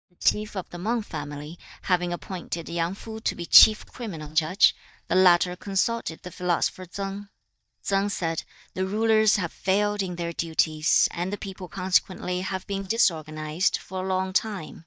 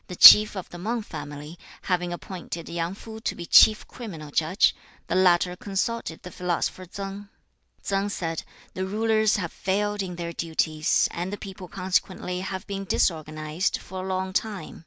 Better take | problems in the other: second | noise reduction (neural mask model DeepFilterNet 3)

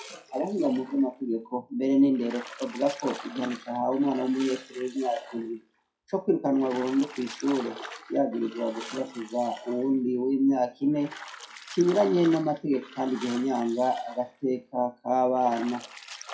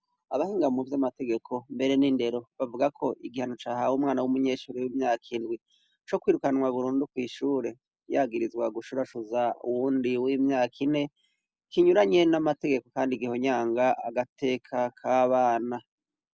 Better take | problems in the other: second | noise reduction (classical method WPE with log-MMSE)

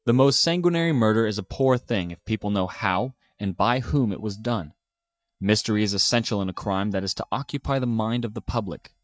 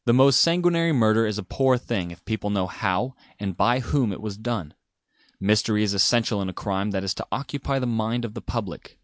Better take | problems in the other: second | noise reduction (neural mask model DeepFilterNet 3)

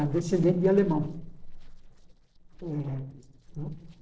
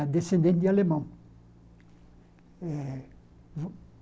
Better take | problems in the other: second | noise reduction (neural separator model SepFormer DNS4)

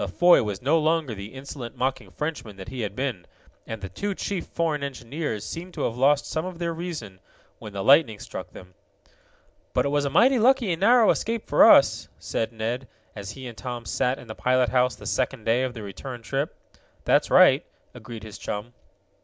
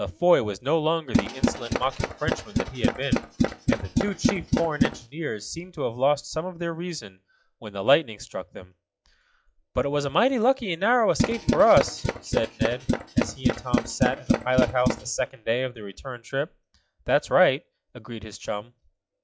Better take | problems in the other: first | noise reduction (classical method log-MMSE)

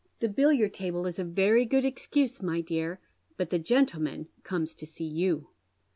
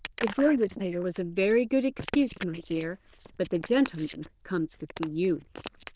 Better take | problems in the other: first | noise reduction (neural diffusion model UNIVERSE++)

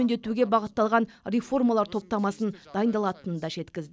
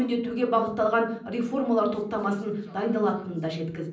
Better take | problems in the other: first | room echo; dies away in 0.6 s

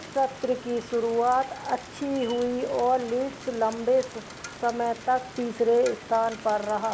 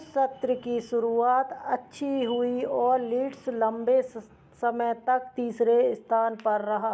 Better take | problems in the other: second | background sound (Rain); 16 dB below the speech

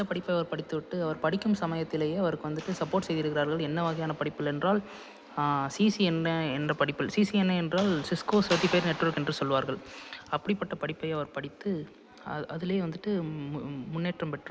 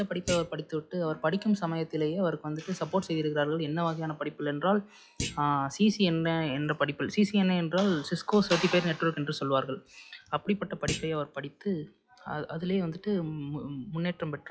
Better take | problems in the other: first | noise reduction (classical method log-MMSE)

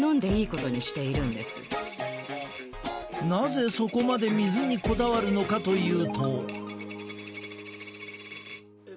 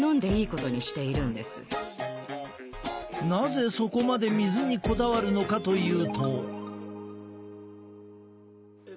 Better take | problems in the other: second | background sound (Coin (dropping)); 16 dB below the speech

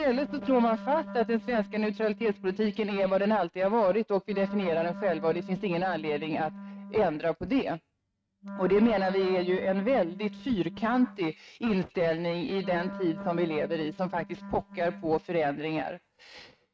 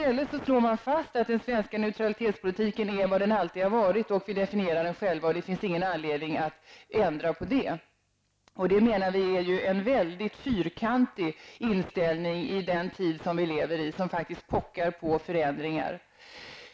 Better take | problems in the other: second | noise reduction (neural mask model RNNoise)

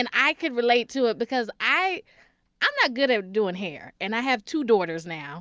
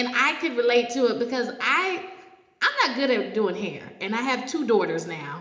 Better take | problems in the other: first | room echo; dies away in 0.8 s

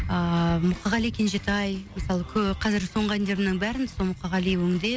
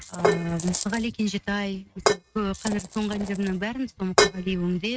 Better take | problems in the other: first | noise reduction (neural mask model RNNoise)

